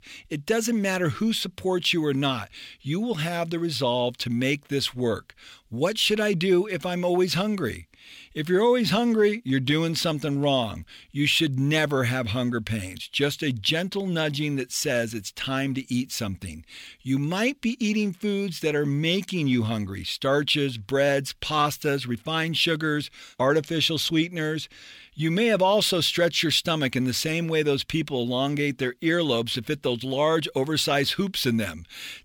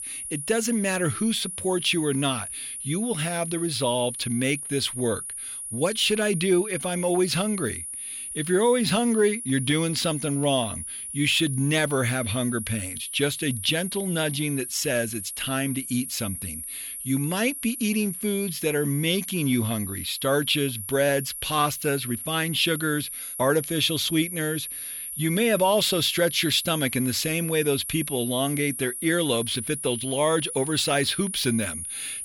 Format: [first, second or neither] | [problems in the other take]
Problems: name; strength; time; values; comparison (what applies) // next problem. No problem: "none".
first | high-pitched whine; loud; throughout; 10 kHz, 7 dB below the speech